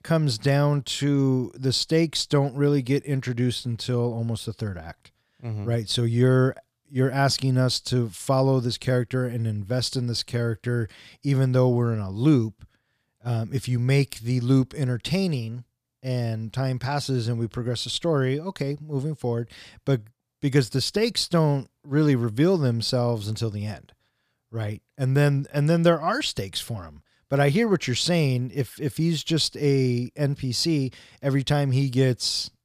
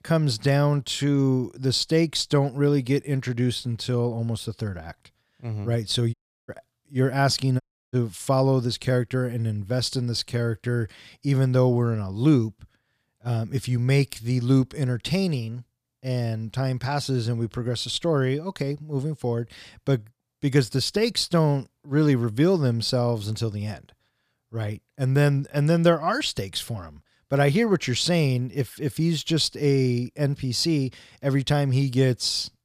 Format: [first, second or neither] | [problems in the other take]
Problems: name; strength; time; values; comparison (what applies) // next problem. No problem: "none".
first | audio cutting out; at 6 s and at 7.5 s